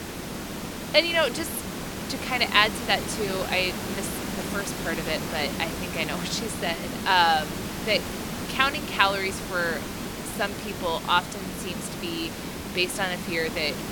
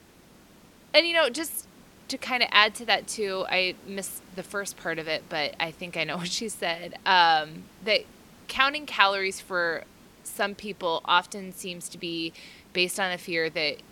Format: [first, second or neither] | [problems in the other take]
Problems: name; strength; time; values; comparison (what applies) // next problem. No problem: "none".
second | hiss; loud; throughout; 6 dB below the speech; faint in the second